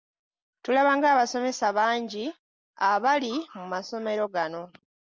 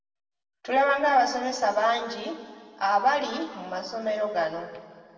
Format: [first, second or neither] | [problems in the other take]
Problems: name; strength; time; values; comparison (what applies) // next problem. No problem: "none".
first | room echo; dies away in 1.7 s